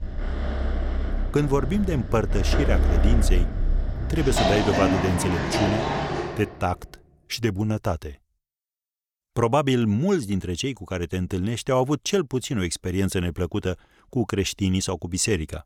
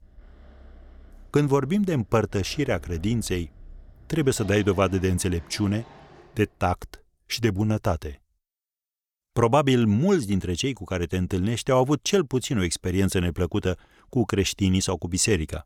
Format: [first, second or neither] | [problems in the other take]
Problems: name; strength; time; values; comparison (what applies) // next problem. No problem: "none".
second | animal sounds; loud; until 6 s; 1 dB below the speech; faint in the second